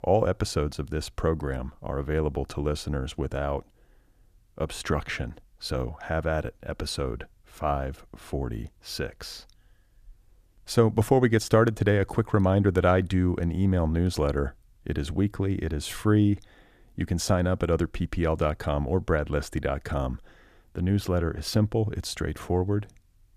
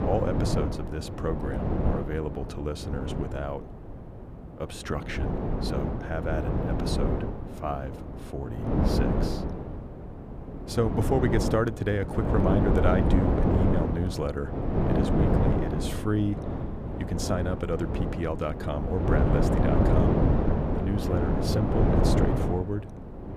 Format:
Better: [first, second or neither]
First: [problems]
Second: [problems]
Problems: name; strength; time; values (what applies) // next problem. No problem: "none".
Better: first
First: none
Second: wind noise on the microphone; heavy; 1 dB above the speech